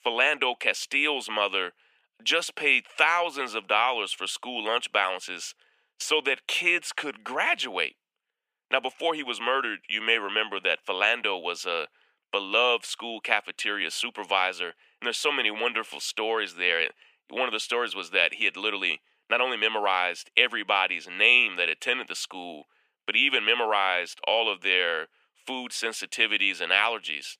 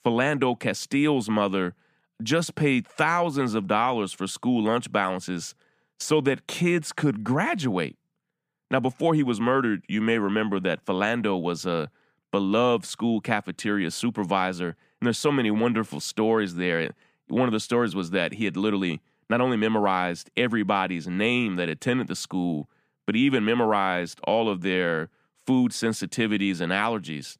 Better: second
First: thin; very; fading below 500 Hz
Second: none

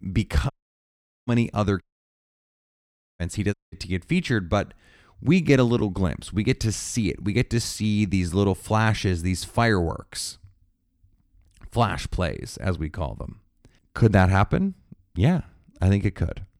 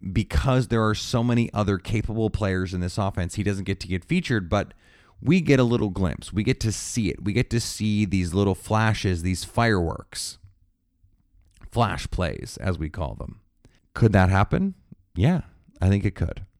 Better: second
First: audio cutting out; at 0.5 s for 1 s, at 2 s for 1.5 s and at 3.5 s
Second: none

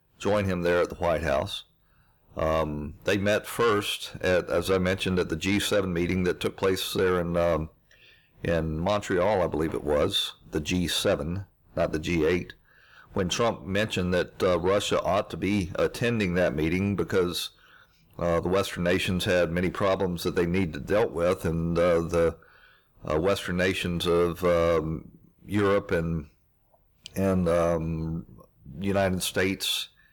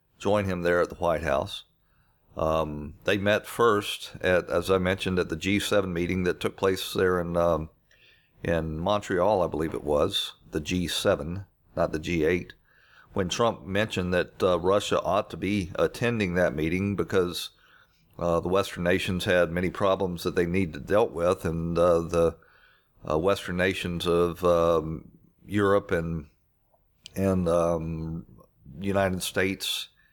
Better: second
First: distortion; slight; 10 dB below the speech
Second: none

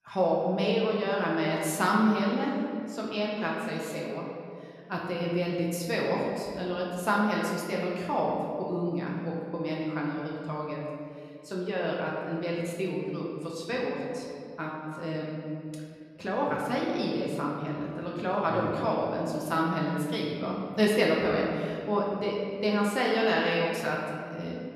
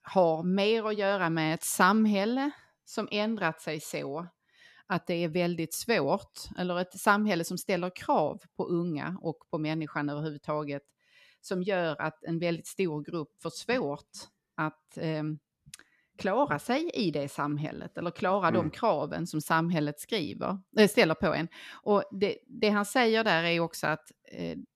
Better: second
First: room echo; noticeable; dies away in 2 s // off-mic speech; far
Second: none

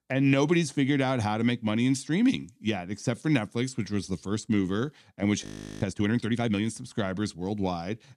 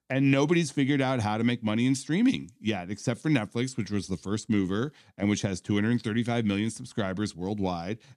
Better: second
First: audio freezing; at 5.5 s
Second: none

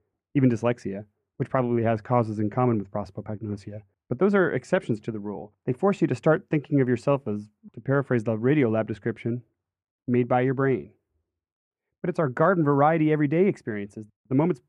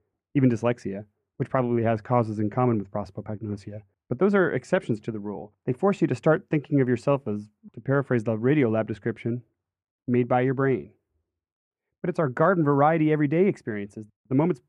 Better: neither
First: muffled; very; fading above 2 kHz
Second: muffled; very; fading above 2 kHz

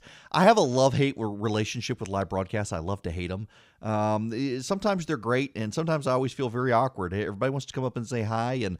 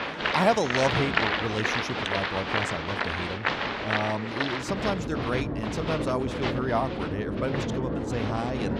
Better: first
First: none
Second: crowd noise; very loud; throughout; 1 dB above the speech

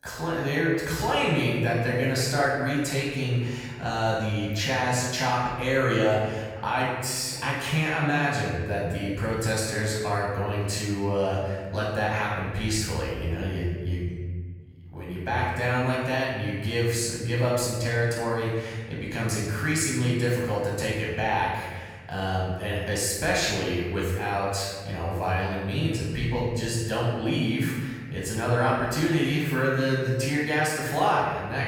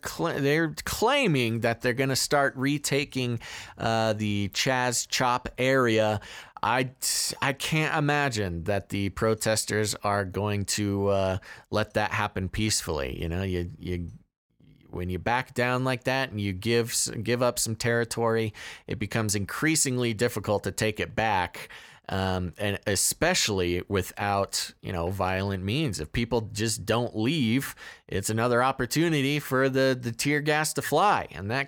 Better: second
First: room echo; strong; dies away in 1.4 s // off-mic speech; far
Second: none

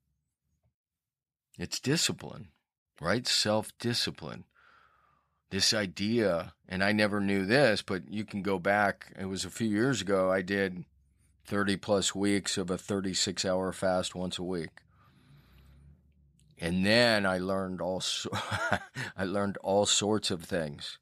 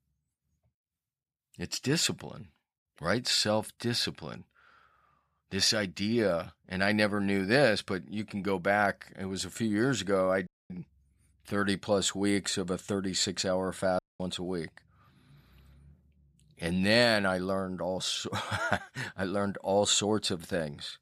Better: first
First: none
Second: audio cutting out; at 10 s and at 14 s

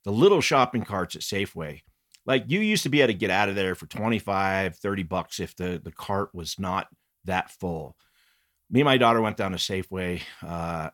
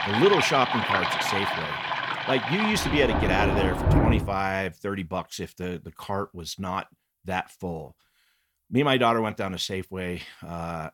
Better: first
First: none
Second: rain or running water; very loud; until 3.5 s; 1 dB above the speech

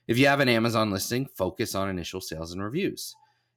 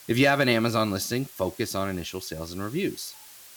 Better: first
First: none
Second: hiss; noticeable; throughout; 20 dB below the speech

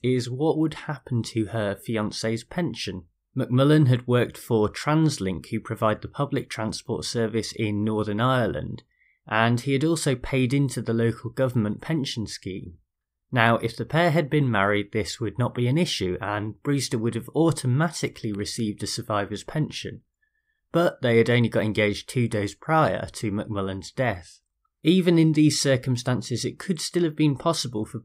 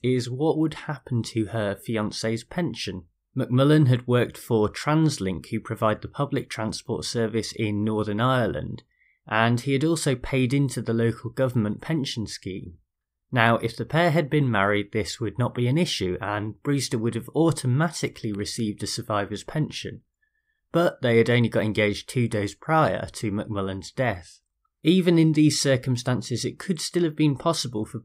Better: neither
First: none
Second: none

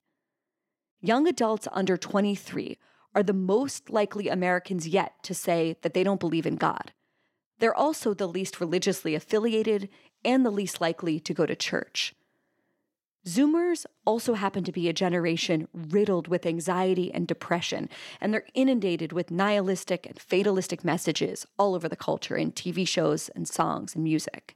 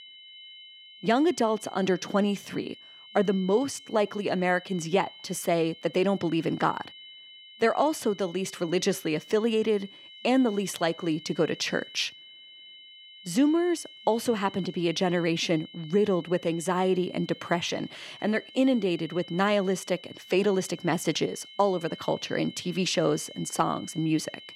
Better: first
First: none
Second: high-pitched whine; noticeable; throughout; 3 kHz, 20 dB below the speech

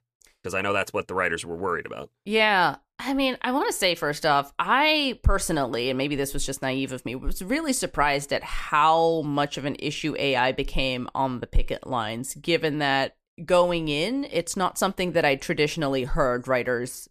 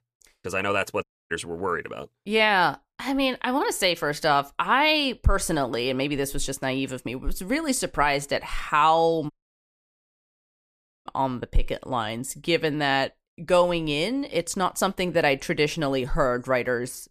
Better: first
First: none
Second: audio cutting out; at 1 s and at 9.5 s for 2 s

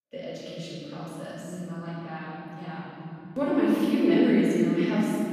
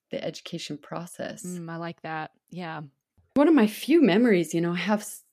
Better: second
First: room echo; strong; dies away in 3 s // off-mic speech; far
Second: none

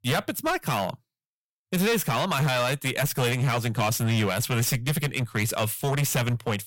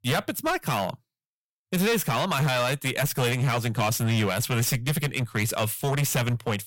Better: neither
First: distortion; heavy; 16% of the sound clipped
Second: distortion; heavy; 16% of the sound clipped

